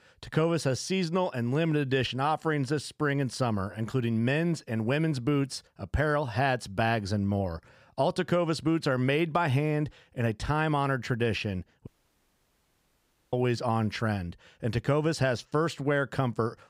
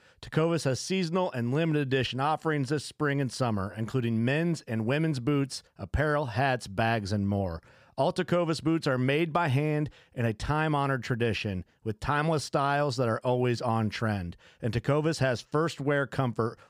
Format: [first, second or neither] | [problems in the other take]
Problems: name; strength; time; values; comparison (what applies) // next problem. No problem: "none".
second | audio cutting out; at 12 s for 1.5 s